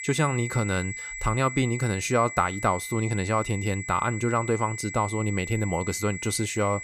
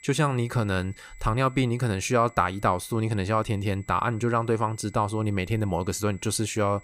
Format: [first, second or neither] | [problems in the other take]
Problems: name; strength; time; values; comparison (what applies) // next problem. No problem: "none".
second | high-pitched whine; loud; throughout; 2 kHz, 8 dB below the speech; faint in the second